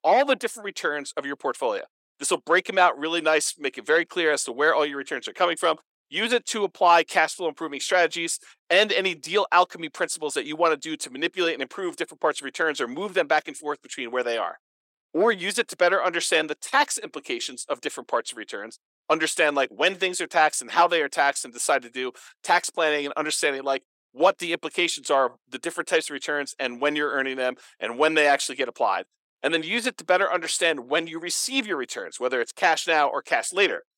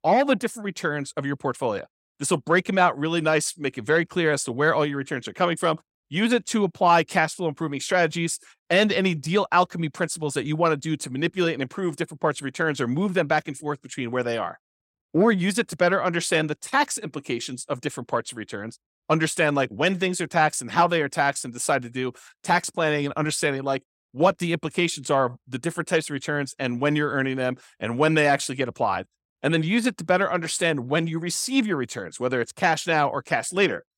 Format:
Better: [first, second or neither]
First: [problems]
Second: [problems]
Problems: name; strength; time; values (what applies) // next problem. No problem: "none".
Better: second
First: thin; somewhat; fading below 350 Hz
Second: none